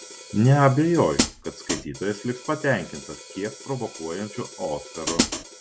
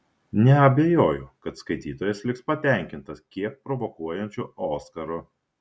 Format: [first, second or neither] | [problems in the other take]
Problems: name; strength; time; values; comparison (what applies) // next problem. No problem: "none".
second | background sound (Hi-hat); 7 dB below the speech